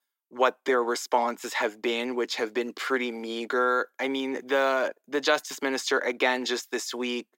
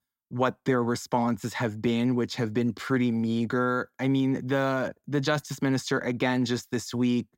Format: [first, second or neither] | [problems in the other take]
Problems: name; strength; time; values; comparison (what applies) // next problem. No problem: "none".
second | thin; somewhat; fading below 350 Hz